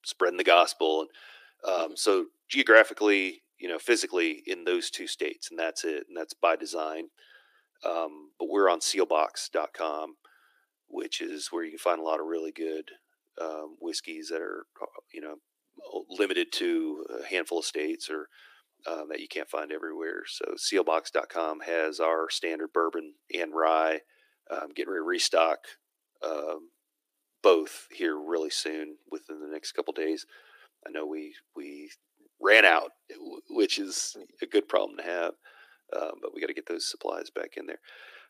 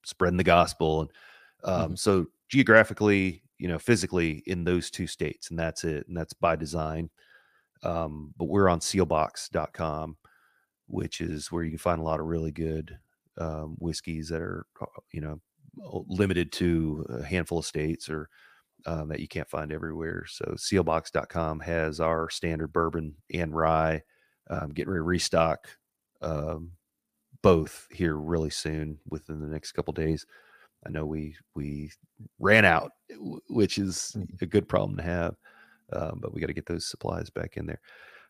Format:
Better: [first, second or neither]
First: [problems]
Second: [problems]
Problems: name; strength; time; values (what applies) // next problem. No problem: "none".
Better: second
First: thin; very; fading below 300 Hz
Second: none